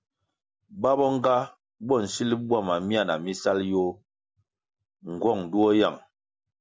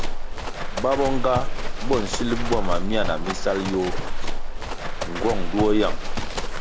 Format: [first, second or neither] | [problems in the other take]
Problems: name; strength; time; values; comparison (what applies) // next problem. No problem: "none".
first | background sound (Livestock, farm animals, working animals); 3 dB above the speech